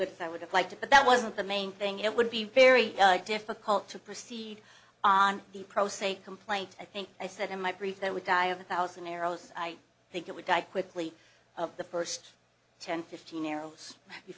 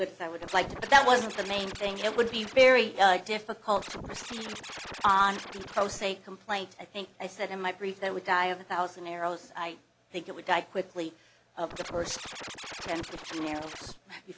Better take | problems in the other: first | background sound (Scratching (performance technique)); 12 dB below the speech

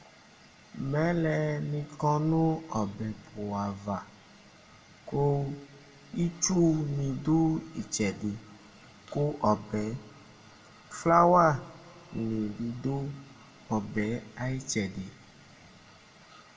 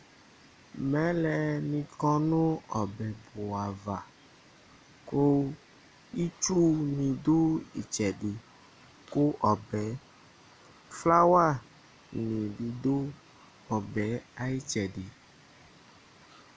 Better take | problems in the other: second | room echo; dies away in 1.4 s

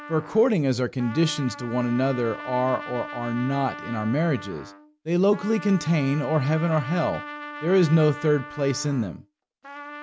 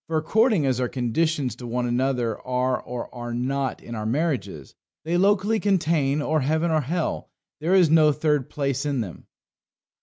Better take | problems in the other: second | background sound (Trumpet); 14 dB below the speech

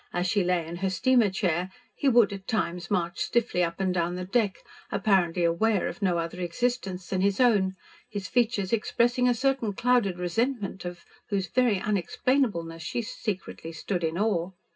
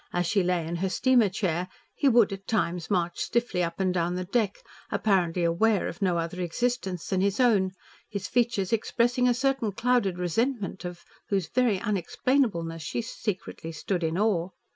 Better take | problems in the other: second | room echo; dies away in 0.2 s

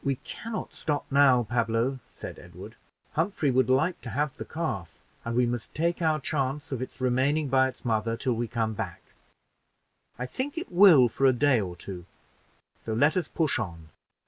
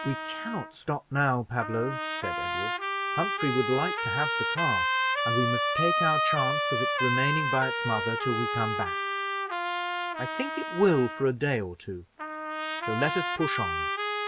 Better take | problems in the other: first | background sound (Trumpet); 1 dB above the speech

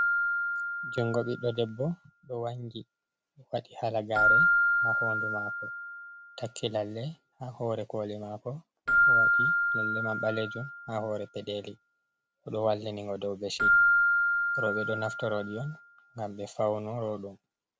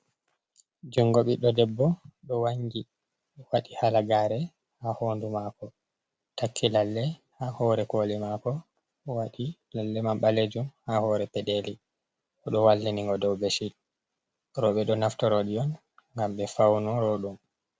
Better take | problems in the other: second | background sound (Keyboard (musical)); 5 dB above the speech

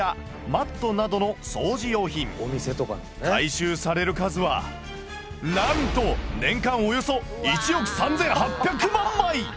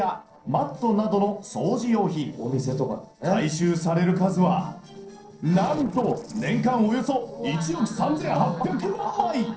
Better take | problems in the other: first | noise reduction (neural separator model SepFormer DNS4)

